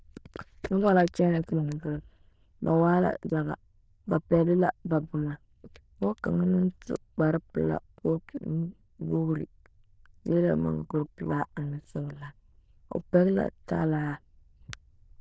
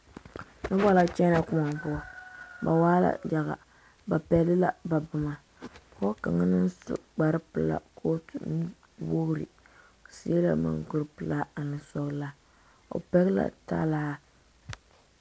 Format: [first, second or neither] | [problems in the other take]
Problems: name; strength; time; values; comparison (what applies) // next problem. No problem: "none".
second | noise reduction (neural diffusion model UNIVERSE++)